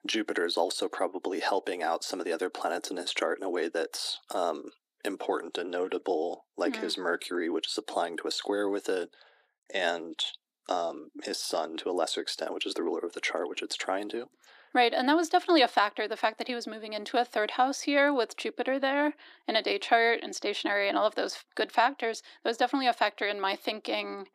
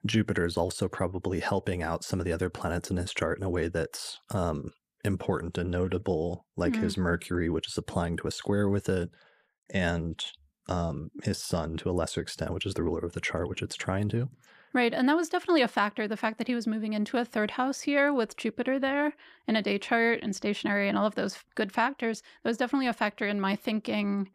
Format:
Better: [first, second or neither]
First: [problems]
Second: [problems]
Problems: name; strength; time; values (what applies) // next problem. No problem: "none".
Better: second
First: thin; somewhat; fading below 300 Hz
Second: none